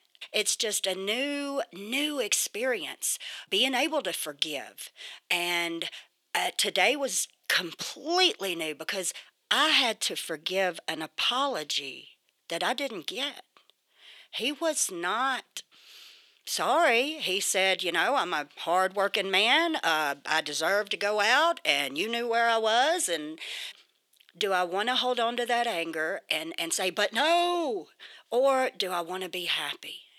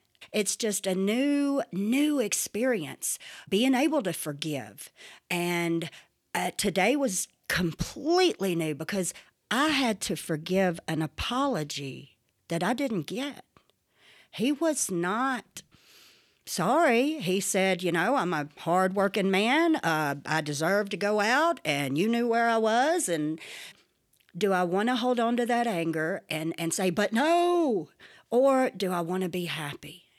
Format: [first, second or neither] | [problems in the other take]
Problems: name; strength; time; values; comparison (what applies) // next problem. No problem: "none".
second | thin; somewhat; fading below 500 Hz